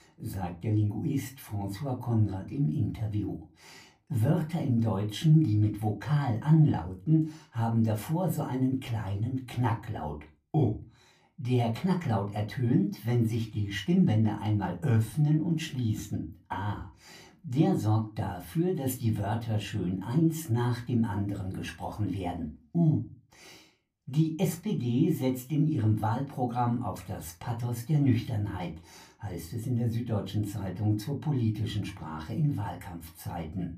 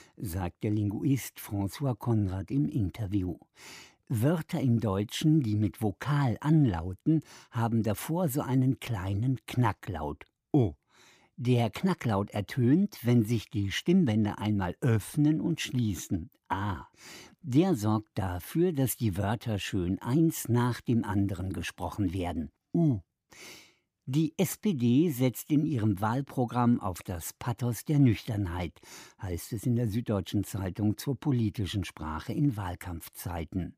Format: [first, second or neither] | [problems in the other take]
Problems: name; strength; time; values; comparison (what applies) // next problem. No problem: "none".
second | off-mic speech; far // room echo; very slight; dies away in 0.2 s